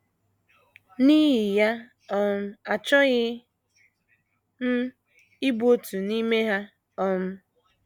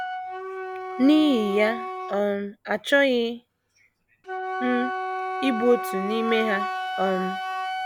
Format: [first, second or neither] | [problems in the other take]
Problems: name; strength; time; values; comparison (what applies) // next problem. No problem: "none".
first | background sound (Wind instrument, woodwind instrument); 6 dB below the speech